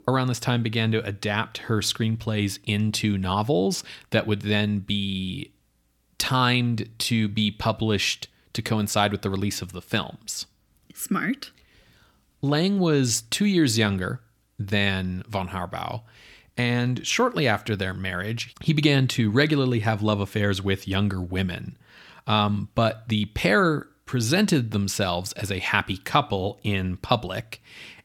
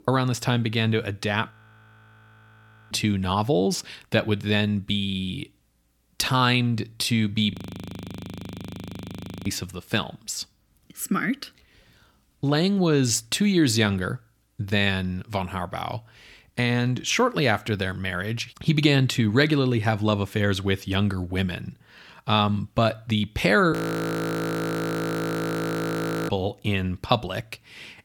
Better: first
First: none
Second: audio freezing; at 1.5 s for 1.5 s, at 7.5 s for 2 s and at 24 s for 2.5 s

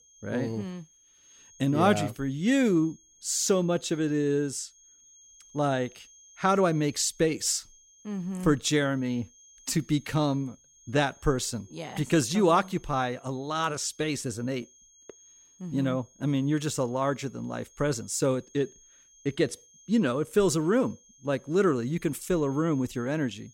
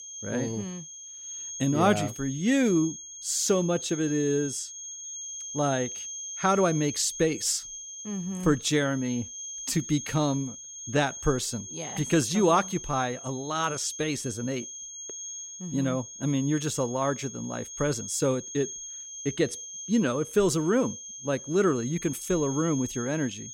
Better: first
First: high-pitched whine; faint; throughout; 6.5 kHz, 25 dB below the speech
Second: high-pitched whine; loud; throughout; 6.5 kHz, 9 dB below the speech

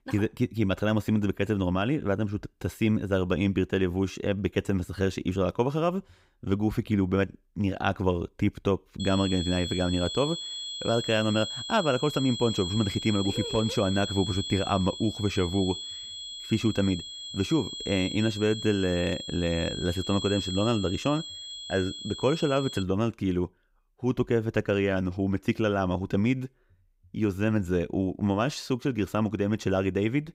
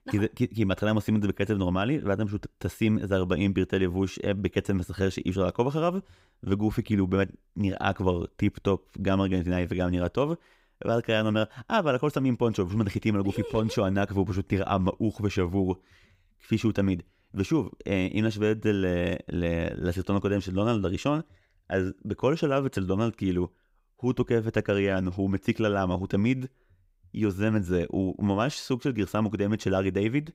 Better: second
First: high-pitched whine; loud; from 9 to 23 s; 3.5 kHz, 7 dB below the speech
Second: none

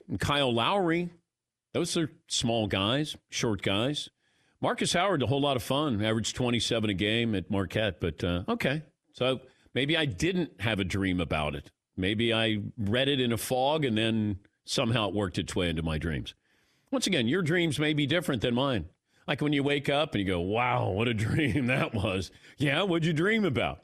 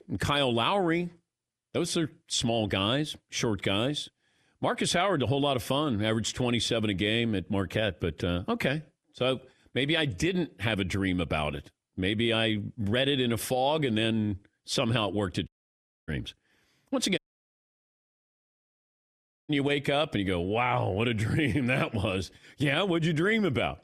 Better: first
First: none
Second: audio cutting out; at 15 s for 0.5 s and at 17 s for 2.5 s

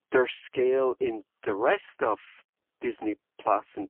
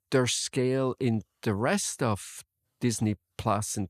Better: second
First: phone-call audio; poor line; nothing above 3 kHz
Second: none

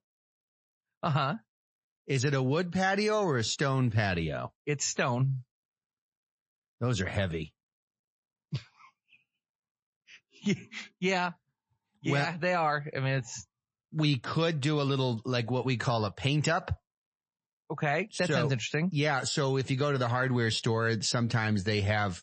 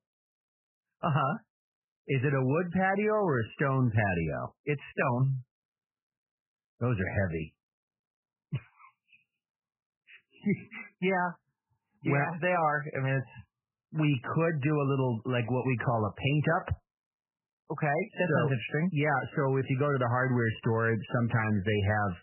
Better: first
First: garbled, watery; slightly; nothing above 8 kHz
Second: garbled, watery; badly; nothing above 3 kHz

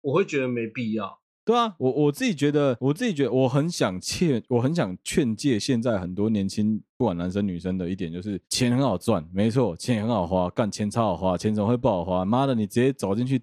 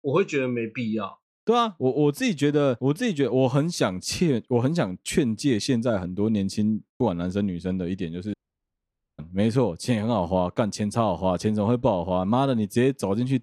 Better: first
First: none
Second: audio cutting out; at 8.5 s for 1 s

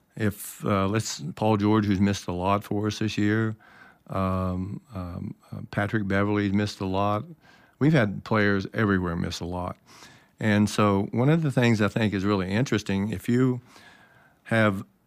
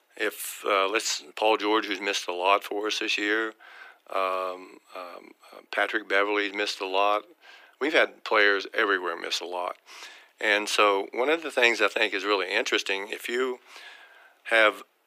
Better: first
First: none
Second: thin; very; fading below 350 Hz

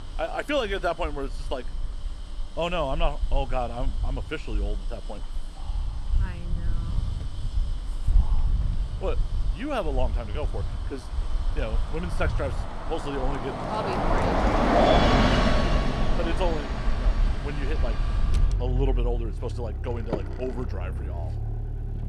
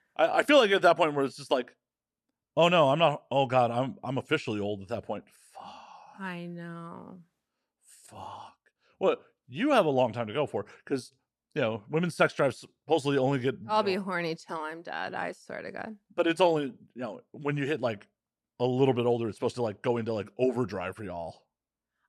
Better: second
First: traffic noise; very loud; throughout; 5 dB above the speech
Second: none

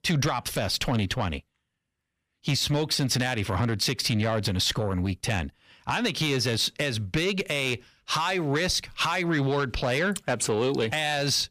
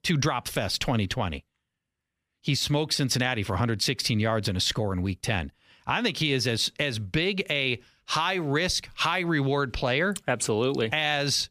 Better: second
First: distortion; slight; 10 dB below the speech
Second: none

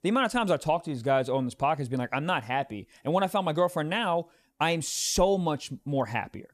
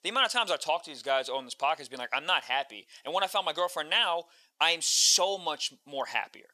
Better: first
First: none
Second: thin; very; fading below 700 Hz

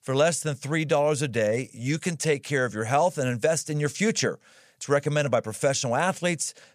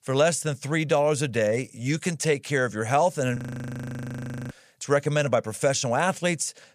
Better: first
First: none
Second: audio freezing; at 3.5 s for 1 s

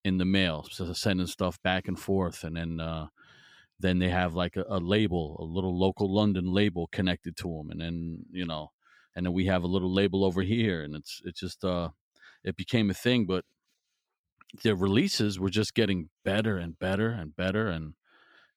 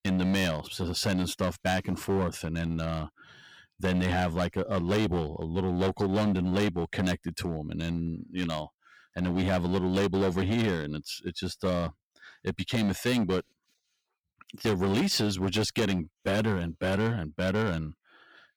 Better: first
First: none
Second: distortion; heavy; 12% of the sound clipped

